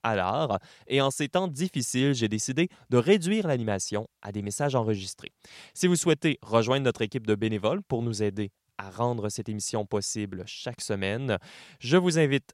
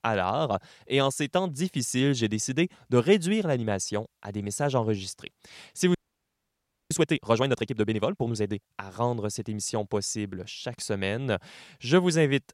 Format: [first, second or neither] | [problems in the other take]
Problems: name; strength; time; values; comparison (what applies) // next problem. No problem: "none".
first | audio freezing; at 6 s for 1 s